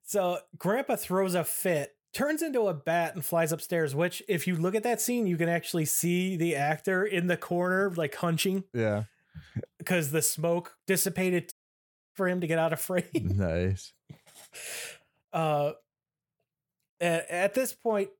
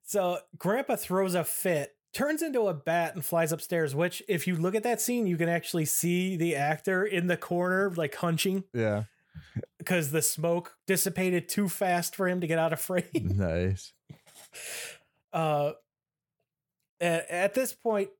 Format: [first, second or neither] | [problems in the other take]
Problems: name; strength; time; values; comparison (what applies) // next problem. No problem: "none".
second | audio cutting out; at 12 s for 0.5 s